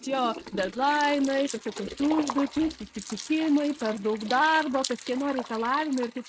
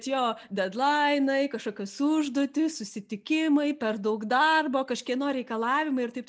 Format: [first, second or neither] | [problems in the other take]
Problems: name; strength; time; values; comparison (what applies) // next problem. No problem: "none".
second | noise reduction (neural mask model RNNoise)